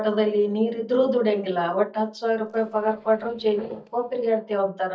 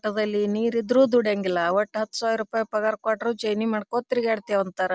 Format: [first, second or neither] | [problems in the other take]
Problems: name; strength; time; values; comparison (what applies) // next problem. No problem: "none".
second | noise reduction (neural mask model DeepFilterNet 3)